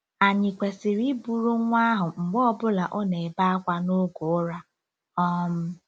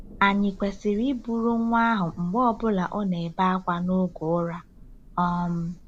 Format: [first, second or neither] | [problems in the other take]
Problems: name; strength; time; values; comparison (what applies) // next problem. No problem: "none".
first | background sound (Thunder / Rain); 19 dB below the speech